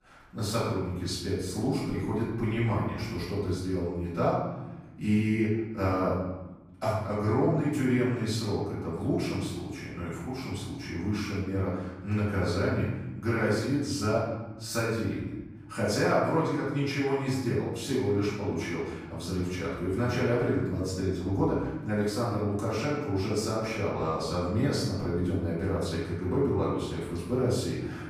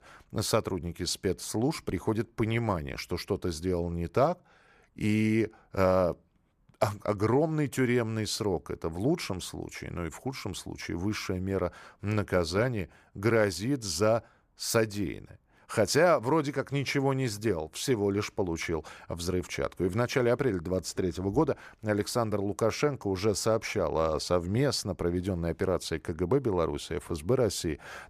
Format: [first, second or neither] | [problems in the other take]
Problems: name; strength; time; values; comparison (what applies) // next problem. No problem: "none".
second | off-mic speech; far // room echo; noticeable; dies away in 1.2 s